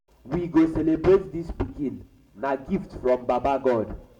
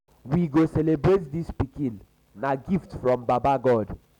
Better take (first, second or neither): second